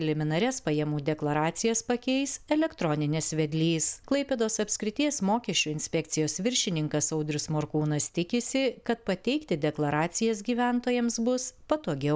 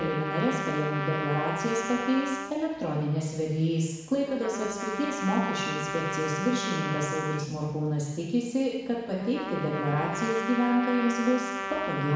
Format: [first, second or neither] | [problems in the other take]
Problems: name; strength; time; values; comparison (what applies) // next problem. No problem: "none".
first | background sound (Trumpet); 6 dB below the speech // room echo; dies away in 1.1 s